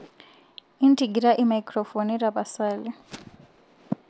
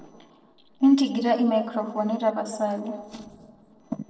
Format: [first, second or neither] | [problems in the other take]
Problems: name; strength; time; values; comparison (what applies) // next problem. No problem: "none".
first | noise reduction (neural separator model SepFormer DNS4)